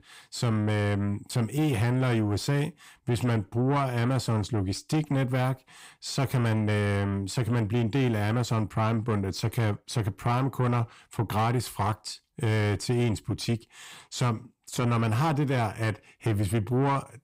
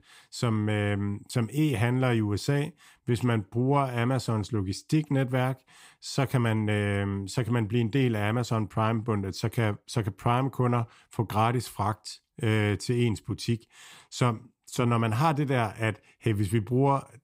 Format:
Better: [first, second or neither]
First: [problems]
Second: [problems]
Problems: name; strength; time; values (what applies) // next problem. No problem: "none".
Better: second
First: distortion; slight; 10 dB below the speech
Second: none